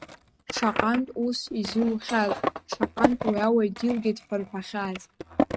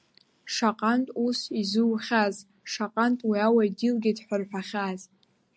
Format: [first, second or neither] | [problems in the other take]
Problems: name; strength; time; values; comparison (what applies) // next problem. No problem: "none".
second | noise reduction (neural mask model RNNoise)